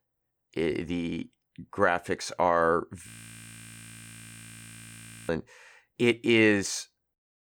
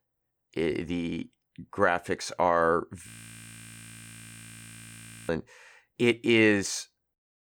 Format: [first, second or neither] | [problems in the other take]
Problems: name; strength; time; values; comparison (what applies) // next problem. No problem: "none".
neither | audio freezing; at 3 s for 2 s; the same in both